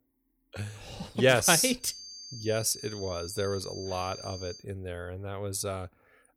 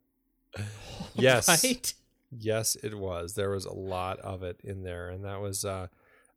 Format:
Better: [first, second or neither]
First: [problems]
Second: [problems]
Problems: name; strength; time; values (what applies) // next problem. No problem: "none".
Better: second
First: high-pitched whine; noticeable; from 2 to 4.5 s; 4.5 kHz, 15 dB below the speech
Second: none